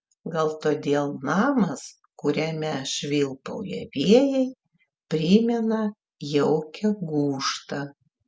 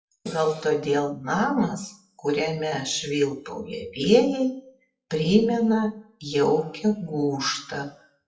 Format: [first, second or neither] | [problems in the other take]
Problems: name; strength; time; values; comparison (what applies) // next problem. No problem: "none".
first | noise reduction (classical method WPE with log-MMSE)